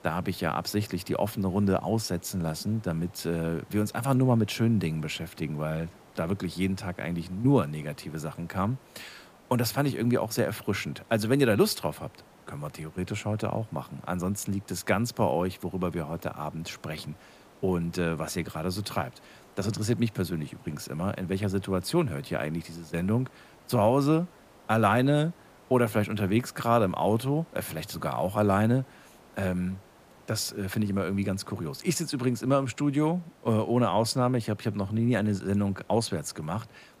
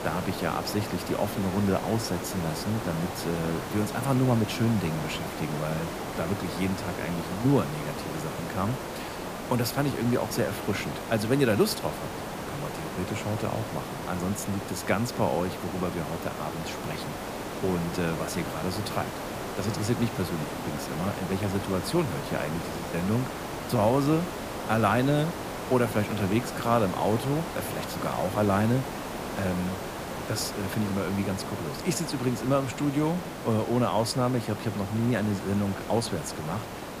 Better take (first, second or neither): first